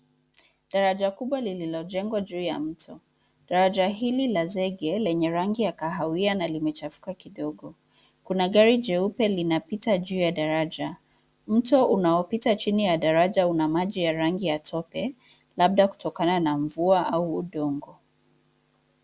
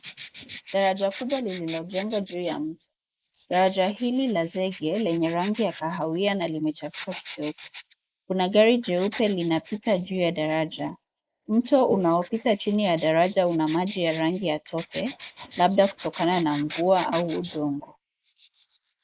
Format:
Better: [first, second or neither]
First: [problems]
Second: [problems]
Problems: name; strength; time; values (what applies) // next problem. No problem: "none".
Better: first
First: none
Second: noise reduction (neural mask model Resemble Enhance denoiser)